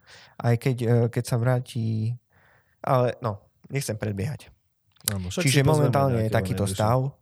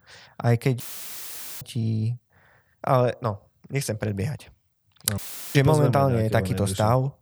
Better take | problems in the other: first | audio cutting out; filled with static; at 1 s for 1 s and at 5 s

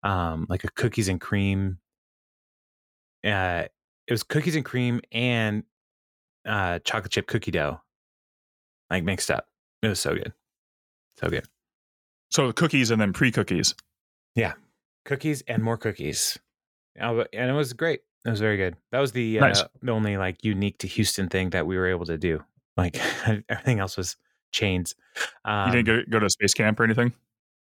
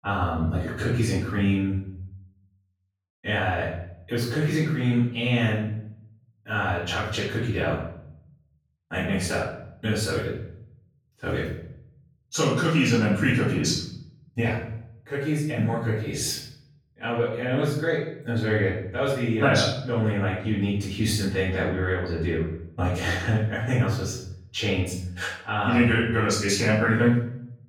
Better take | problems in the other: first | off-mic speech; far // room echo; noticeable; dies away in 0.7 s

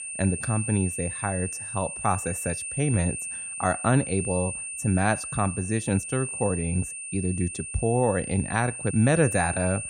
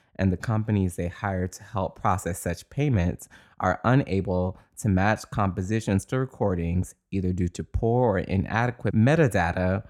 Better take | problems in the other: second | high-pitched whine; loud; throughout; 9 kHz, 5 dB below the speech

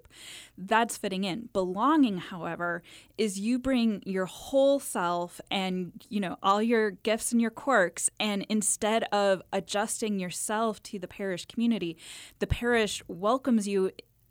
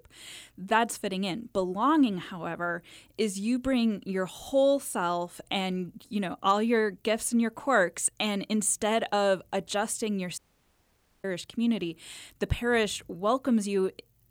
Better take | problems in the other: first | audio cutting out; at 10 s for 1 s

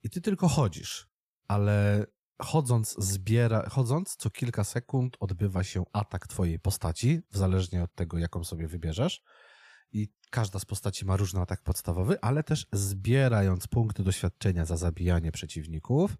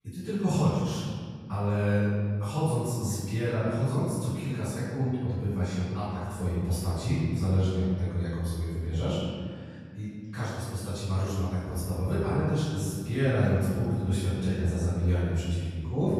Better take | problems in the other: first | room echo; strong; dies away in 1.9 s // off-mic speech; far

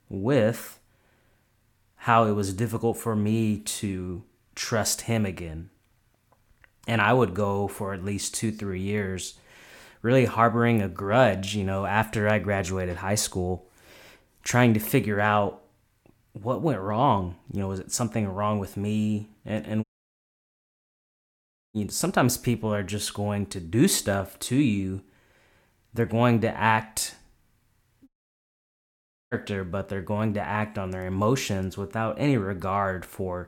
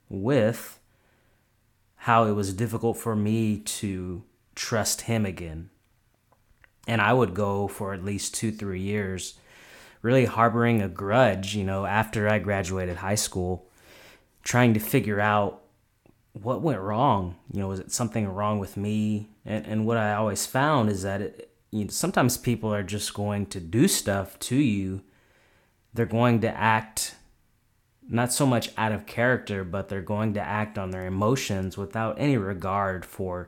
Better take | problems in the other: second | audio cutting out; at 20 s for 2 s and at 28 s for 1 s

